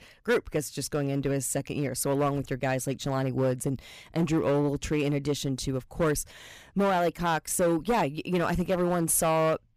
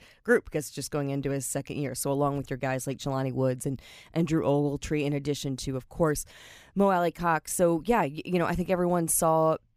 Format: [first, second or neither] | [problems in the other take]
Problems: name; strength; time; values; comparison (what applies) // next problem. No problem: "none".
second | distortion; slight; 8% of the sound clipped